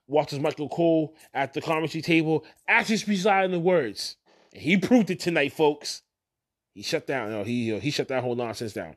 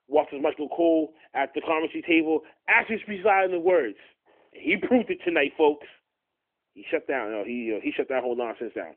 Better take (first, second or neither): first